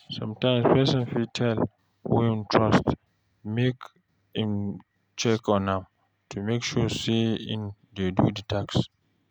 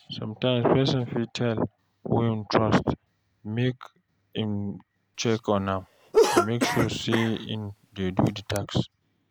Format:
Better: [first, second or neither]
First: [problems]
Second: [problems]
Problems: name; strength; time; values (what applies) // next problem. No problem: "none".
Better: first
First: none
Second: background sound (Cough); 1 dB below the speech